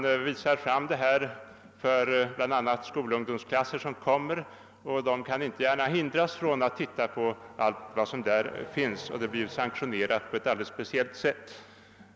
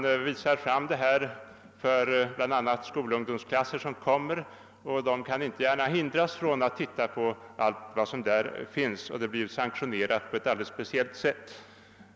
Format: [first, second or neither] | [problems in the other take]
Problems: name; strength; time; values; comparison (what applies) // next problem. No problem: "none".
second | background sound (Accelerating, revving, vroom); 20 dB below the speech